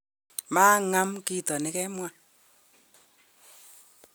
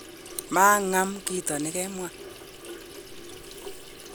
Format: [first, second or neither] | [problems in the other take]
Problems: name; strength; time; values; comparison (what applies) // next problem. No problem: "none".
first | background sound (Sink (filling or washing) / Water tap, faucet); 14 dB below the speech